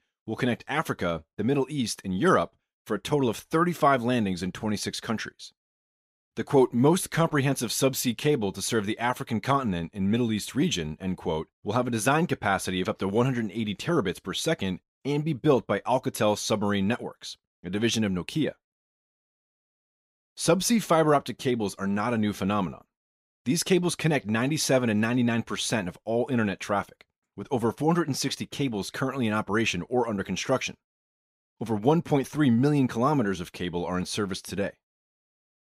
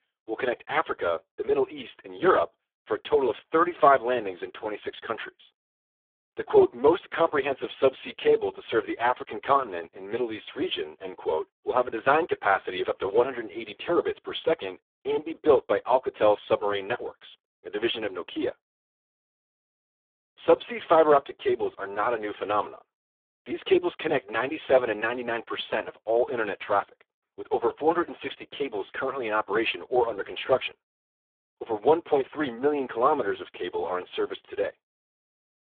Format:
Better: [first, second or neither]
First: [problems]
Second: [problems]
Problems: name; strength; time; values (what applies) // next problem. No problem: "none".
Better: first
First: none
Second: phone-call audio; poor line